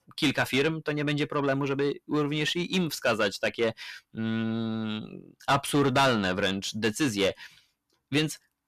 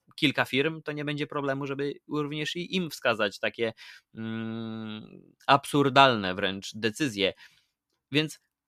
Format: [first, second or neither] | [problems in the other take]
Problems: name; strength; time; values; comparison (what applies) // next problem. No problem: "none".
second | distortion; heavy; 6 dB below the speech